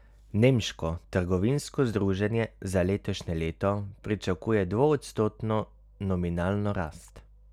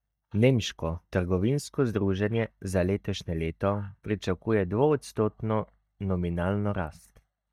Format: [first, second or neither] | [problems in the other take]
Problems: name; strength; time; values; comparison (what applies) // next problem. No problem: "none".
first | noise reduction (neural mask model DeepFilterNet 3)